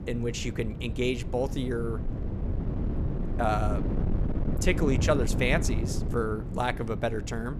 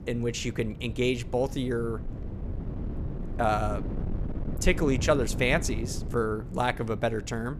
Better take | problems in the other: second | wind noise on the microphone; heavy; 10 dB below the speech; occasional gusts in the second

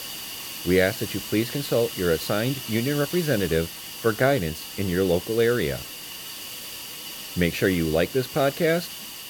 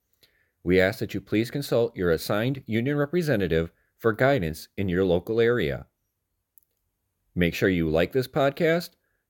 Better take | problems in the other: second | hiss; loud; throughout; 9 dB below the speech

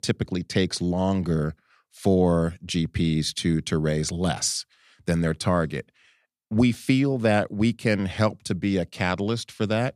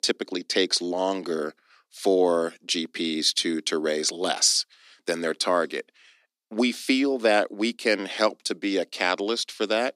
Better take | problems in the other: first | thin; somewhat; fading below 250 Hz

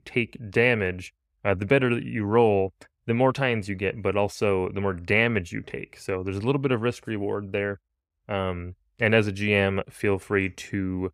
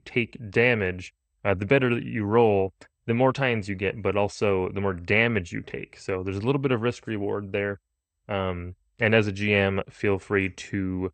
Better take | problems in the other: first | garbled, watery; slightly; nothing above 8 kHz

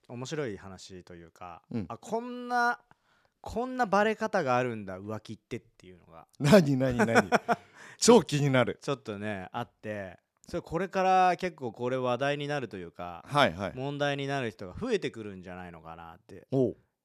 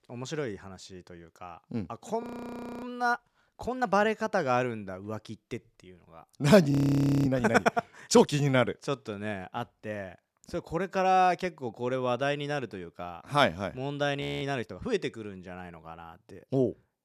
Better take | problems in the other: first | audio freezing; at 2 s for 0.5 s, at 6.5 s for 0.5 s and at 14 s

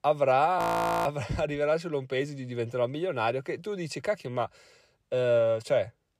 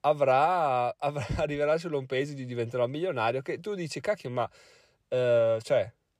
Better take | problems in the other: second | audio freezing; at 0.5 s

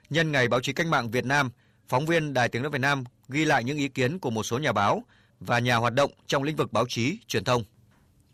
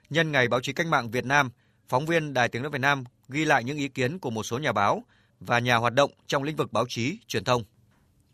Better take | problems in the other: second | distortion; slight; 10 dB below the speech

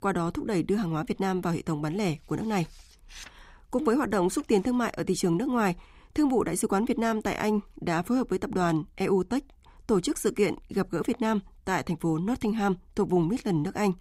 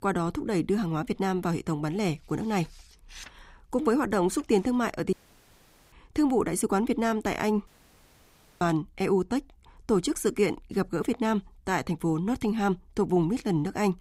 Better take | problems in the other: first | audio cutting out; at 5 s for 1 s and at 7.5 s for 1 s

